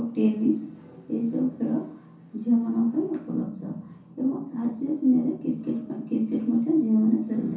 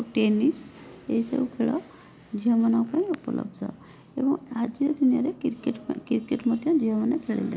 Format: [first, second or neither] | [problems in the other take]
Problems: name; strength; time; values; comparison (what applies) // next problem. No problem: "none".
second | room echo; dies away in 0.6 s